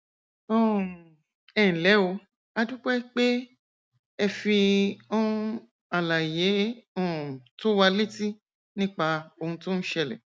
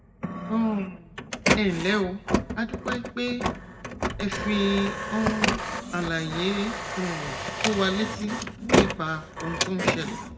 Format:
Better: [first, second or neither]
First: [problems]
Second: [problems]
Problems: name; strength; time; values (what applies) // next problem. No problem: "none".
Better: first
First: none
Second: background sound (Printer); as loud as the speech // room echo; dies away in 1.2 s